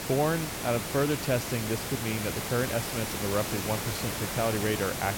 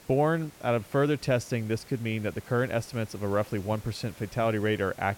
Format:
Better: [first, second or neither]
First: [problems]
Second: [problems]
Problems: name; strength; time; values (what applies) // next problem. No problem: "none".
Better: second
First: hiss; loud; throughout; 2 dB below the speech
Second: hiss; faint; throughout; 20 dB below the speech